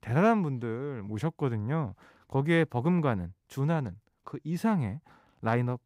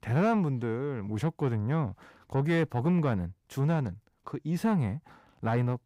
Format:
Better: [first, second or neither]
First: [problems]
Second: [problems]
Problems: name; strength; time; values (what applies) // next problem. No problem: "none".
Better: first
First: none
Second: distortion; slight; 10 dB below the speech